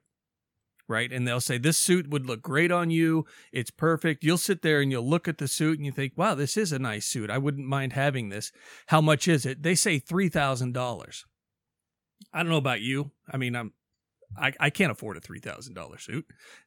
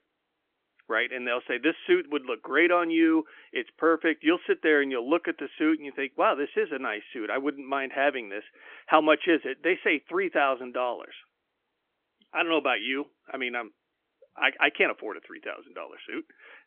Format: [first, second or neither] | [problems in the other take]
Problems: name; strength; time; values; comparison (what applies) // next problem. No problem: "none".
first | phone-call audio; nothing above 3.5 kHz